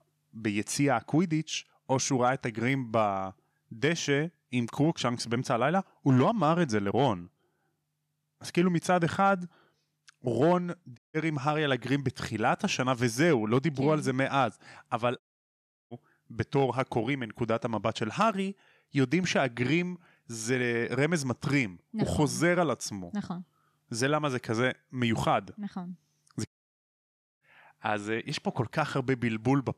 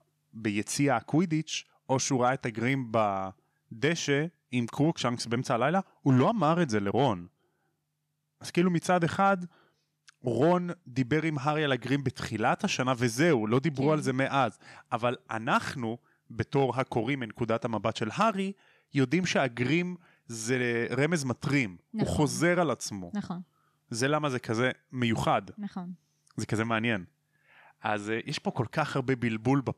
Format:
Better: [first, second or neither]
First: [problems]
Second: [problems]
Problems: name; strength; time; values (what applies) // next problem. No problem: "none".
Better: second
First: audio cutting out; at 11 s, at 15 s for 0.5 s and at 26 s for 1 s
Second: none